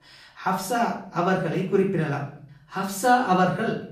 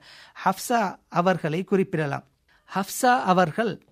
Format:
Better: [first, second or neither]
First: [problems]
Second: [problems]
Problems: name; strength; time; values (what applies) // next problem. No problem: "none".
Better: second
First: off-mic speech; far // room echo; slight; dies away in 0.5 s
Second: none